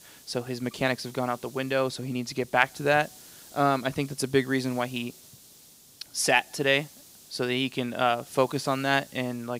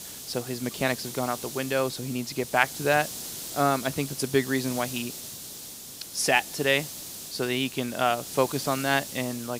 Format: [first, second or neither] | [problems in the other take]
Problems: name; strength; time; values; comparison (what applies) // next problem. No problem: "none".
first | hiss; loud; throughout; 9 dB below the speech; faint in the first